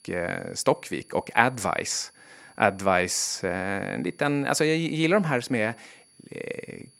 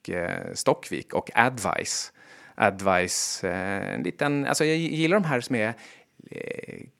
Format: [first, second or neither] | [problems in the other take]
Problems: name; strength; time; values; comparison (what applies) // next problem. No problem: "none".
second | high-pitched whine; faint; throughout; 10.5 kHz, 30 dB below the speech